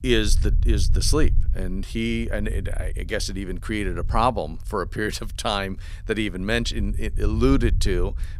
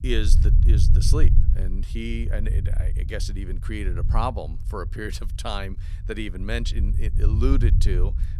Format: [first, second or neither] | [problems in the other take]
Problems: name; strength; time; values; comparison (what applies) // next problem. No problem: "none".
first | low rumble; loud; throughout; 9 dB below the speech; faint in the first